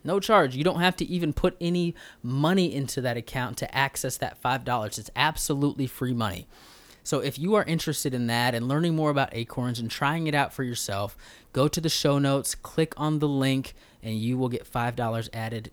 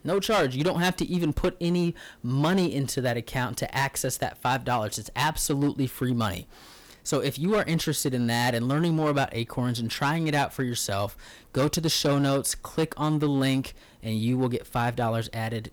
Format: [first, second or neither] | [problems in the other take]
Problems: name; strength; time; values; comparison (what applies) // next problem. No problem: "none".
first | distortion; slight; 7% of the sound clipped